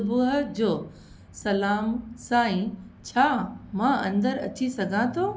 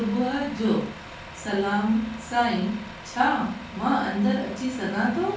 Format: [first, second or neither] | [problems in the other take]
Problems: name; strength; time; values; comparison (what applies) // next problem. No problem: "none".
first | background sound (Truck); 15 dB below the speech // room echo; dies away in 0.3 s